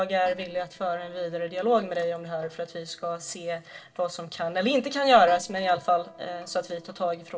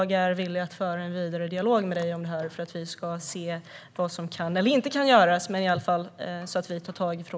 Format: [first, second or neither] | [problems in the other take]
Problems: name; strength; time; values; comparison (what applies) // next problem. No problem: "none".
second | noise reduction (neural separator model SepFormer DNS4)